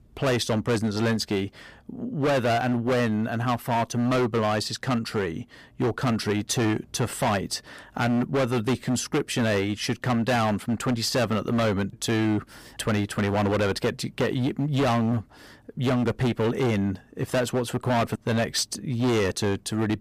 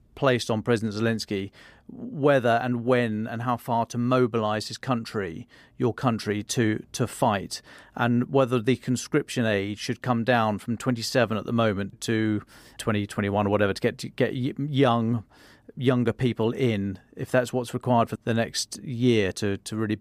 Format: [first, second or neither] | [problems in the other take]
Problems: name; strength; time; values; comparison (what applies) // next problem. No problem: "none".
second | distortion; heavy; 17% of the sound clipped